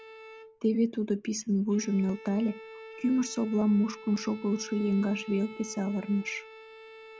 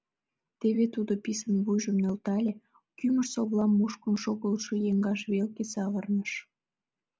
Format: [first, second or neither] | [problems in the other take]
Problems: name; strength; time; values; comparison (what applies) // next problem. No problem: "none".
second | background sound (Bowed string instrument); 17 dB below the speech